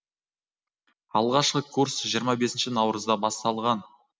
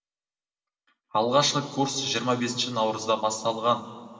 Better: first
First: none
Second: room echo; dies away in 2.3 s

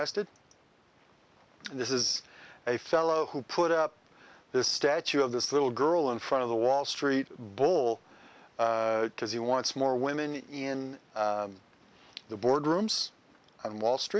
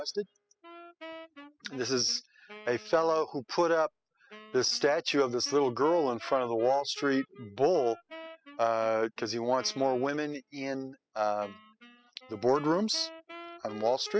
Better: first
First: none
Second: noise reduction (classical method spectral subtraction)

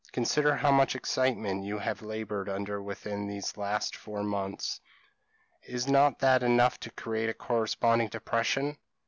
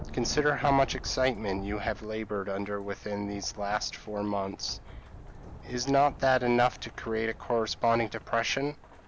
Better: first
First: none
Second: background sound (Rain / Thunderstorm); 14 dB below the speech

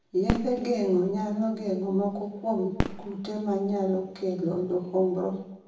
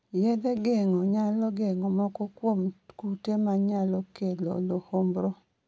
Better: second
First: background sound (Fireworks); 9 dB below the speech // room echo; dies away in 0.7 s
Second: none

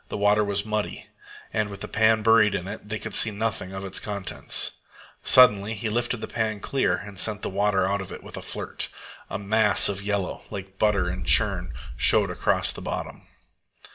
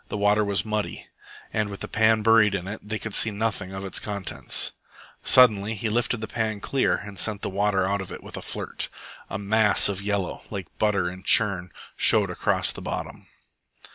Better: second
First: background sound (Boom); 5 dB below the speech // room echo; dies away in 0.3 s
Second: none

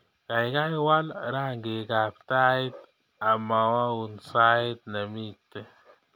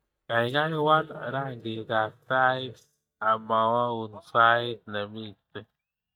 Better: first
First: none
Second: noise reduction (neural mask model DeepFilterNet 3)

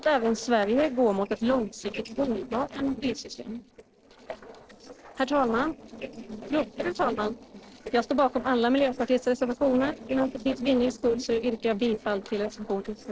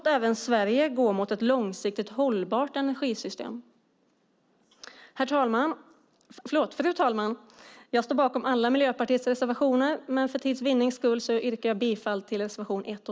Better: second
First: noise reduction (neural separator model SepFormer DNS4)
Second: none

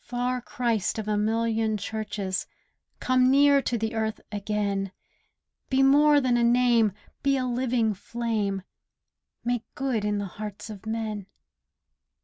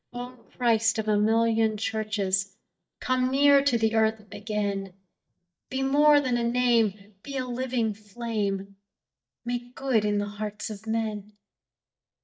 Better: first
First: none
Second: noise reduction (neural mask model DeepFilterNet 3)

